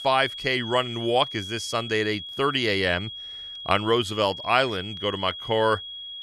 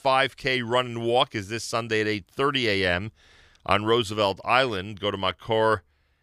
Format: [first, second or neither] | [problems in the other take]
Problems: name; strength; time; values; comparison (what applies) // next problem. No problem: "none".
second | high-pitched whine; loud; throughout; 3.5 kHz, 10 dB below the speech